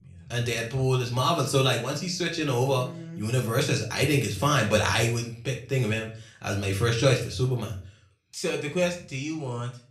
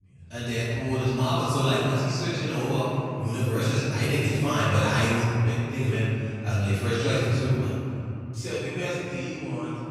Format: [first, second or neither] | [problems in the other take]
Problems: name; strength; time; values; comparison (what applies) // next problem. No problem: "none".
first | room echo; strong; dies away in 3 s; slight in the first // off-mic speech; far; somewhat distant in the first